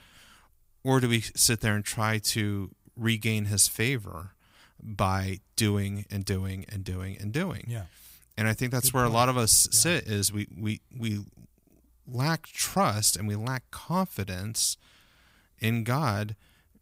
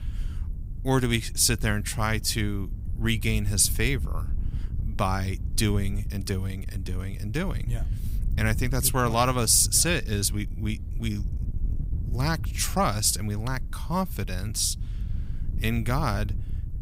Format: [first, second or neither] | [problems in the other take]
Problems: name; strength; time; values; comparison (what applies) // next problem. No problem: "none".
first | wind noise on the microphone; occasional gusts; 20 dB below the speech